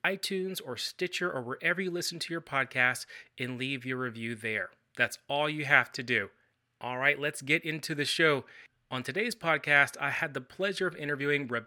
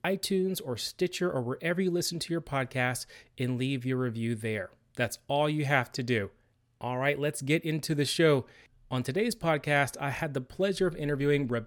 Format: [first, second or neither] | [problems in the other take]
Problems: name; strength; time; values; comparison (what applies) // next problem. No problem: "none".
second | thin; somewhat; fading below 350 Hz